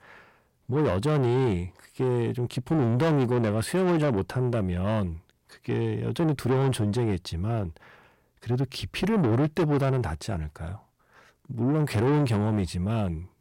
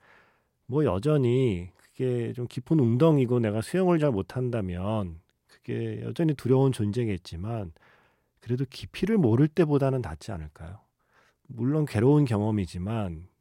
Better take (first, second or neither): second